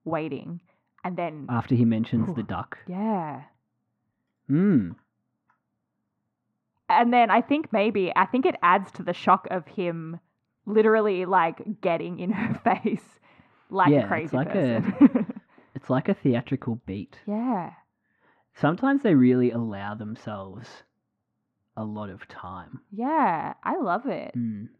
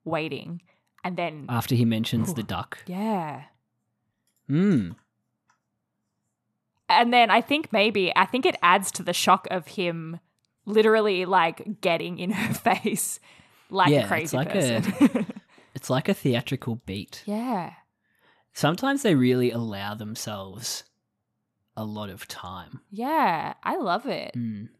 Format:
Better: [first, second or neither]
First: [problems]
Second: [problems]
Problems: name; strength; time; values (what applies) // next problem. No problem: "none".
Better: second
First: muffled; very; fading above 1.5 kHz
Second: none